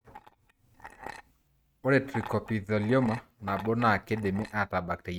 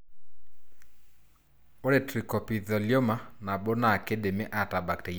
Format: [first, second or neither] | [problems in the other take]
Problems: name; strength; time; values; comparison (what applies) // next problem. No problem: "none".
second | noise reduction (neural mask model RNNoise)